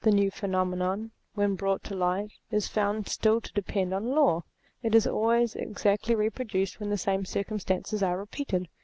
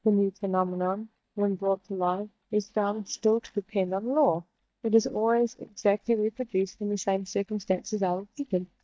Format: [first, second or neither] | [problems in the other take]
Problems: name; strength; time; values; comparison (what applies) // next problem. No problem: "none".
first | noise reduction (neural mask model DeepFilterNet 3)